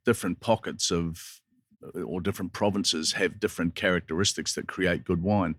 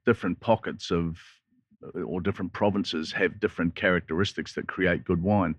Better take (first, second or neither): first